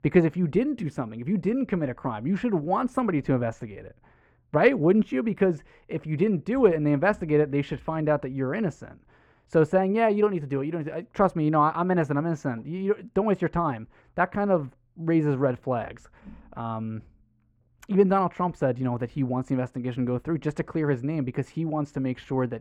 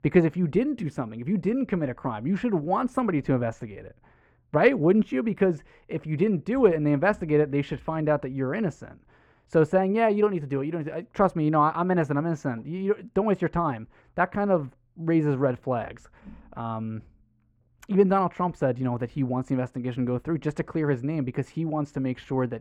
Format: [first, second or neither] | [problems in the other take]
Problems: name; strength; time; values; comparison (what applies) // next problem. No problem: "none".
neither | muffled; very; fading above 3.5 kHz; the same in both